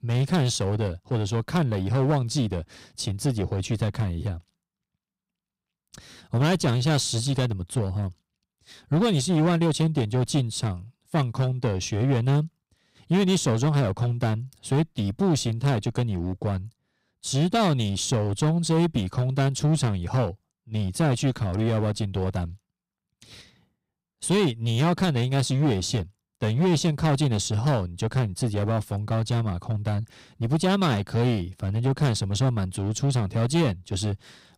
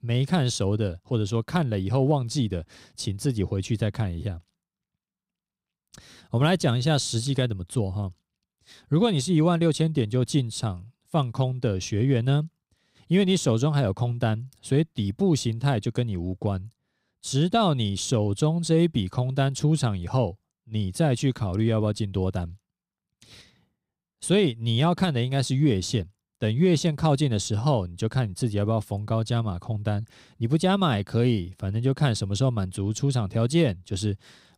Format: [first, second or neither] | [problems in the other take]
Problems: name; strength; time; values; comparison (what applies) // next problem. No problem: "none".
second | distortion; slight; 11% of the sound clipped